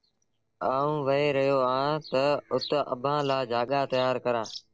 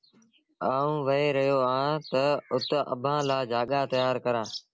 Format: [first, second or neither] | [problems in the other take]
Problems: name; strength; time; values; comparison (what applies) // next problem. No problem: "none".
second | noise reduction (neural separator model SepFormer DNS4)